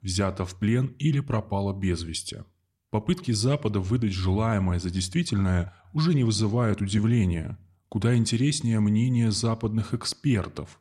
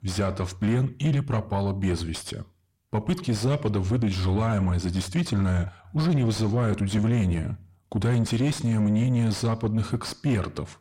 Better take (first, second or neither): first